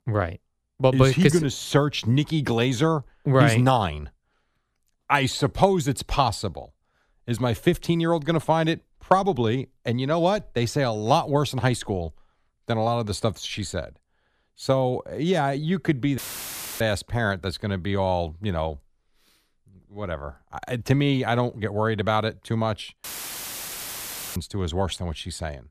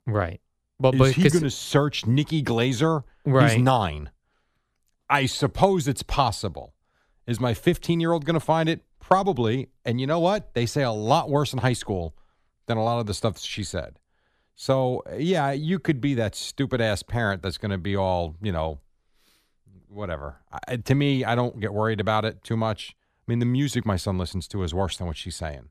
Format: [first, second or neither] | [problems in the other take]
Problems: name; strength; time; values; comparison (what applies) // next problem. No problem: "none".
second | audio cutting out; filled with static; at 16 s for 0.5 s and at 23 s for 1.5 s